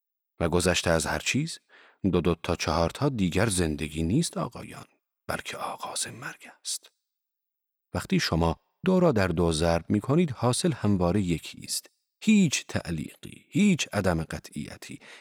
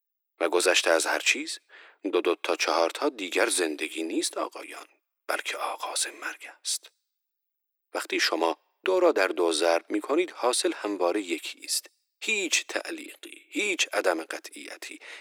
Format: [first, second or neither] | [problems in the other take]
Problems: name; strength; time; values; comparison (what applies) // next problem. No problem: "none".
first | thin; very; fading below 300 Hz